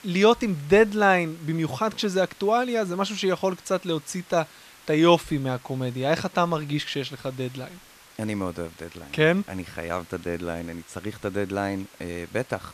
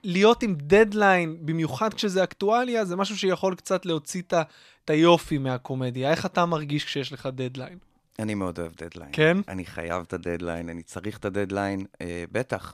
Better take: second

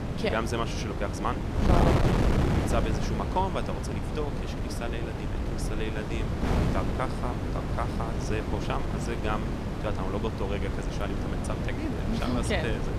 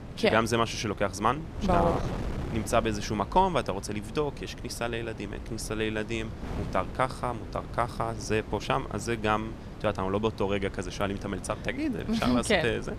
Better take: second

